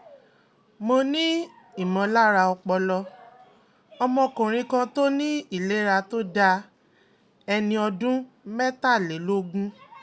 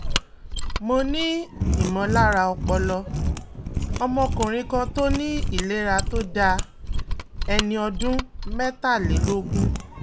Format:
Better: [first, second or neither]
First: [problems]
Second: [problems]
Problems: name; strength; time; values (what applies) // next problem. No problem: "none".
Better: first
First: none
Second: background sound (Mechanisms); 1 dB below the speech